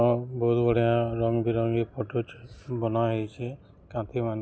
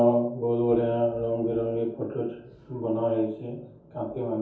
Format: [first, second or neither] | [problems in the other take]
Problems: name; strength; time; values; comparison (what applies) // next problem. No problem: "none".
first | room echo; dies away in 0.6 s